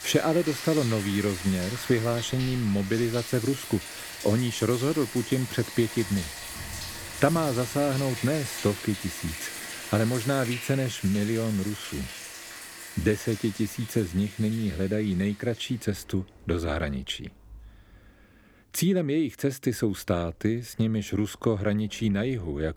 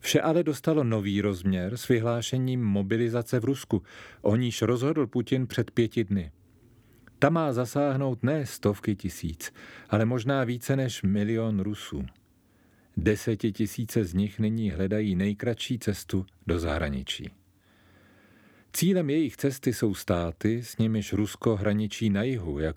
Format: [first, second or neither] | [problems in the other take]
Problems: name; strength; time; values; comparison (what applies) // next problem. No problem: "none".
second | household noises; loud; throughout; 9 dB below the speech